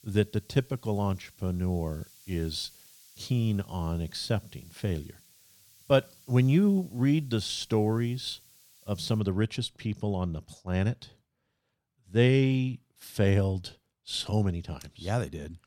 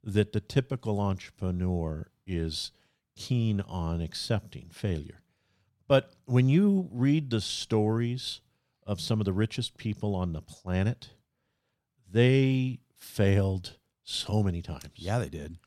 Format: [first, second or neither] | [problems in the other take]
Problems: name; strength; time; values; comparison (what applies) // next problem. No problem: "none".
second | hiss; faint; until 9 s; 25 dB below the speech